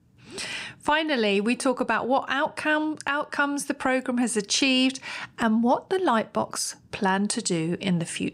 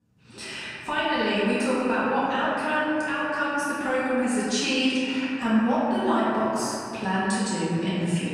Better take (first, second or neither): first